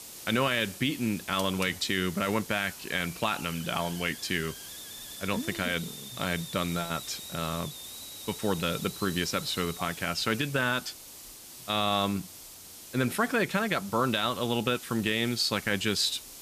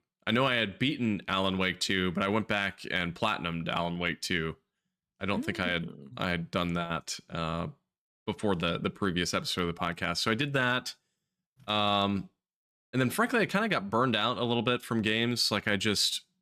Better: second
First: hiss; noticeable; throughout; 10 dB below the speech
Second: none

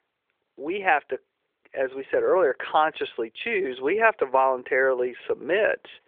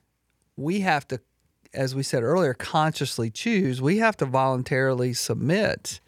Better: second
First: phone-call audio; nothing above 3.5 kHz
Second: none

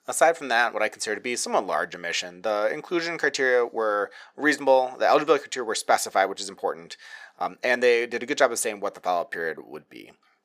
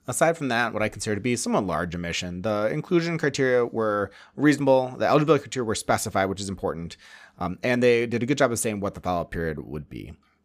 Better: second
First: thin; somewhat; fading below 500 Hz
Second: none

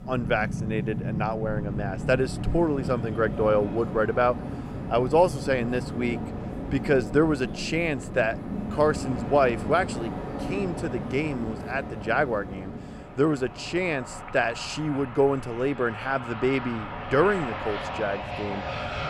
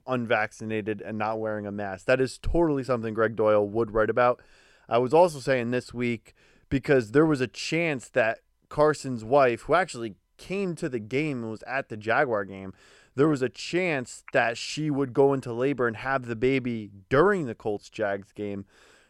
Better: second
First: train or aircraft noise; loud; throughout; 7 dB below the speech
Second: none

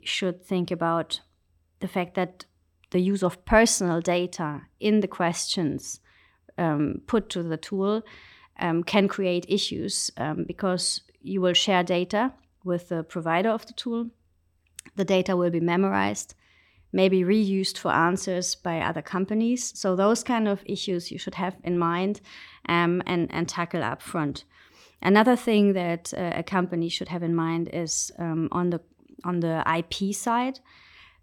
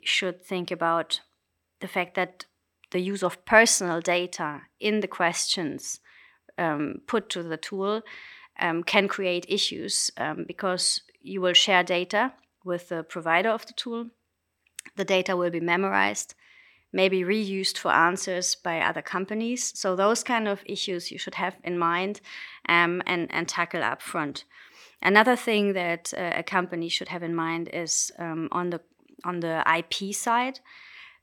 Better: first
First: none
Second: thin; somewhat; fading below 1 kHz

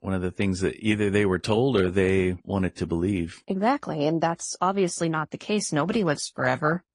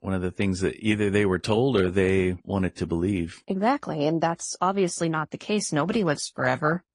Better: neither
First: garbled, watery; slightly; nothing above 10.5 kHz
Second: garbled, watery; slightly; nothing above 10.5 kHz

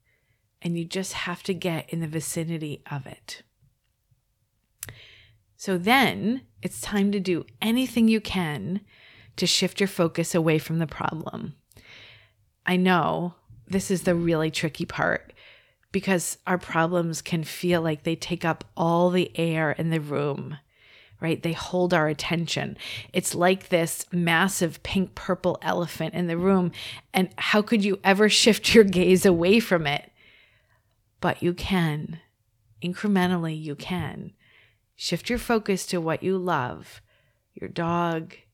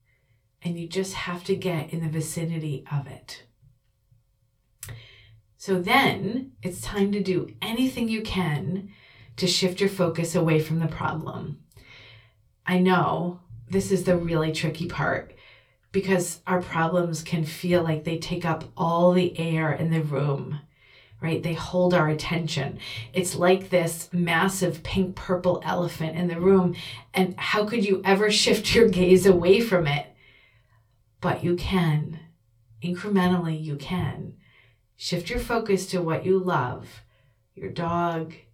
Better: first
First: none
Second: off-mic speech; somewhat distant // room echo; very slight; dies away in 0.2 s

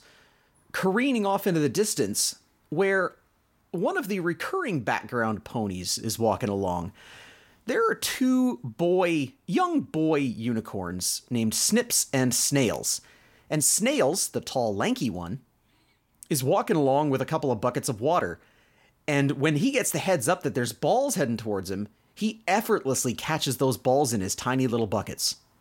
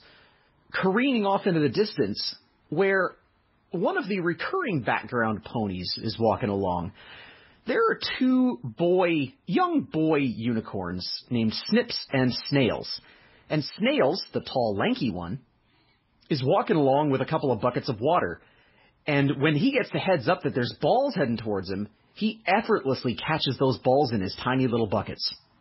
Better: first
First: none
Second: garbled, watery; badly; nothing above 5.5 kHz

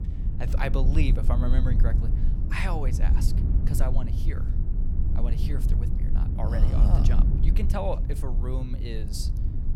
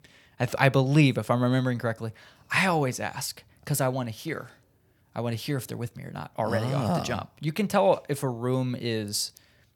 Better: second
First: low rumble; loud; throughout; 5 dB below the speech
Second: none

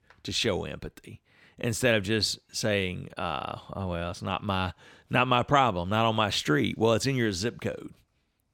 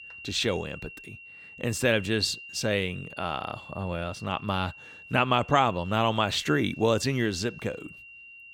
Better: first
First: none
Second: high-pitched whine; noticeable; throughout; 2.5 kHz, 15 dB below the speech

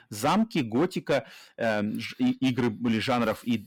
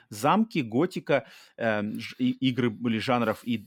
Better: second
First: distortion; slight; 8% of the sound clipped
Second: none

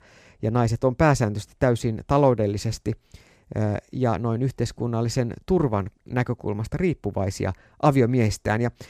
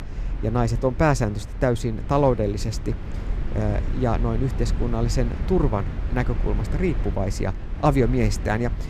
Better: first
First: none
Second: low rumble; noticeable; throughout; 15 dB below the speech

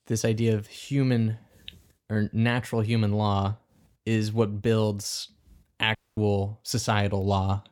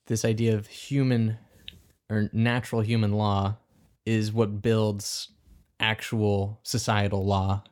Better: second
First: audio cutting out; at 6 s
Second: none

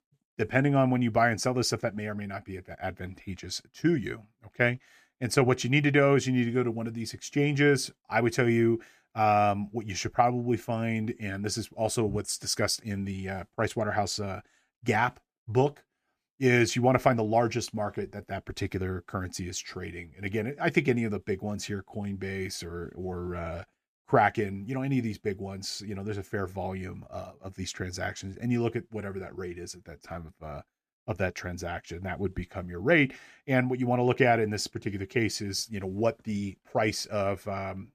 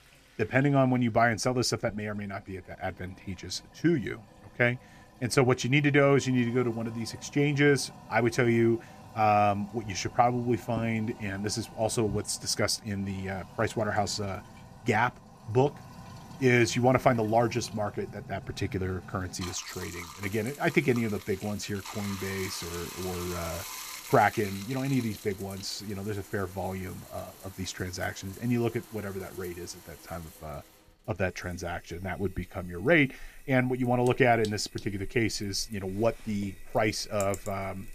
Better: first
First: none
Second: household noises; noticeable; throughout; 15 dB below the speech

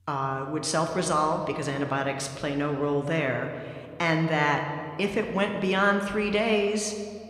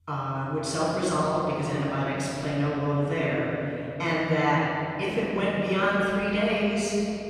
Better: first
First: room echo; slight; dies away in 1.6 s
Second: room echo; strong; dies away in 3 s // off-mic speech; far

